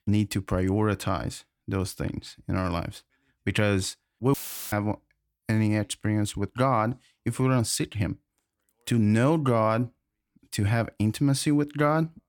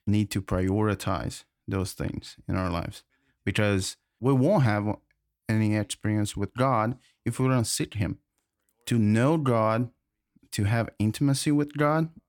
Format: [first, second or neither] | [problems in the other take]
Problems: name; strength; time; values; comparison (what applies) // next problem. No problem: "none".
second | audio cutting out; filled with static; at 4.5 s